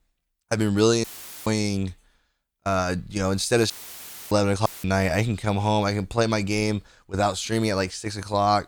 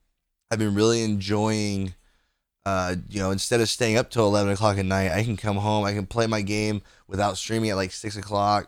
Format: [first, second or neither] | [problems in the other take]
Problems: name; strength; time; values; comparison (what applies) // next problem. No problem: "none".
second | audio cutting out; filled with static; at 1 s, at 3.5 s for 0.5 s and at 4.5 s